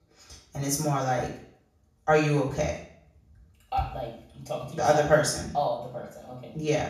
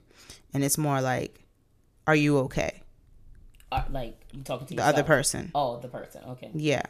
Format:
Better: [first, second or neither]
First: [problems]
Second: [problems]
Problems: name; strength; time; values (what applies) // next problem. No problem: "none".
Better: second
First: room echo; noticeable; dies away in 0.5 s // off-mic speech; far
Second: none